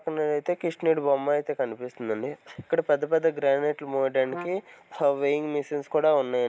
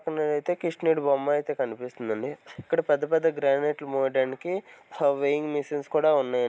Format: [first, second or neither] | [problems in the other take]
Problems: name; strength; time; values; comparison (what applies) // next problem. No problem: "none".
second | background sound (Brass instrument); 16 dB below the speech